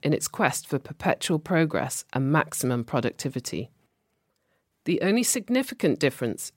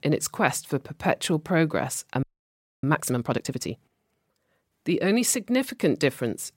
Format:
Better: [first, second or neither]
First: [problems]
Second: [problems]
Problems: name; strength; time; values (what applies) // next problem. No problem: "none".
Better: first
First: none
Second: audio freezing; at 2 s for 0.5 s